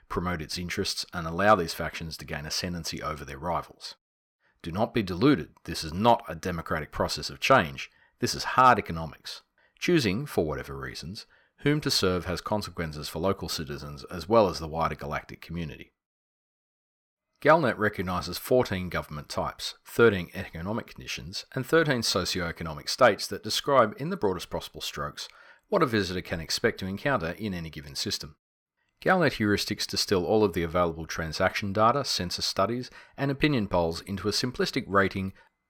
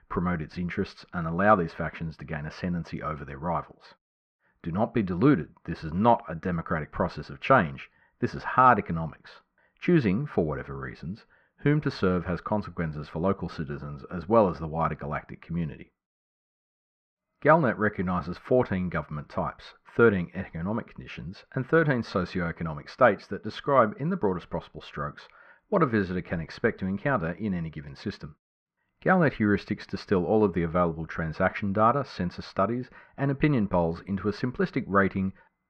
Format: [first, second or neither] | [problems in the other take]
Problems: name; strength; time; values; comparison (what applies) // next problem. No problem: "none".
first | muffled; very; fading above 1.5 kHz